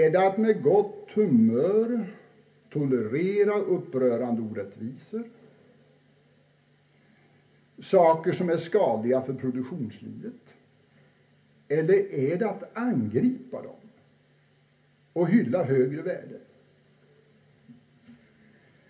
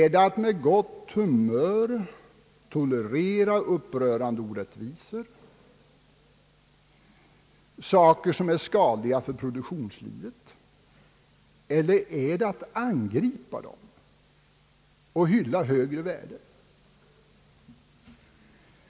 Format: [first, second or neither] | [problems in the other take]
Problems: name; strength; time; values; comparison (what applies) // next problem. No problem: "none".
second | room echo; dies away in 0.3 s